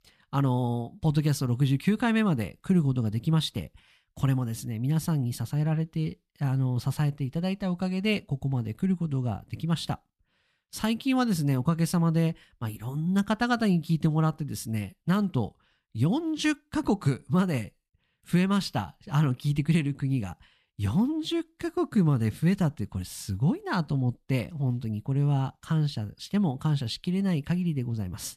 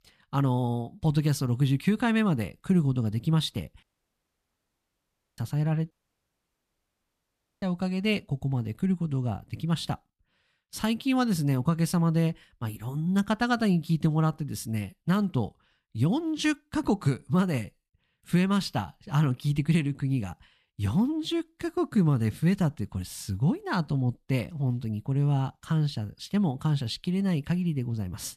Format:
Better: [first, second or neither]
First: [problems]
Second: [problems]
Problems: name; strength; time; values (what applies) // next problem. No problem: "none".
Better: first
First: none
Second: audio cutting out; at 4 s for 1.5 s and at 6 s for 1.5 s